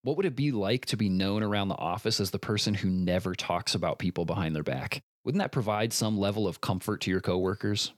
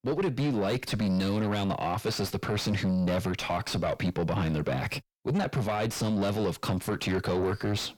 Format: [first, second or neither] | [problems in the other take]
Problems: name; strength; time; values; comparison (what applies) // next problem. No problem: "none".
first | distortion; heavy; 7 dB below the speech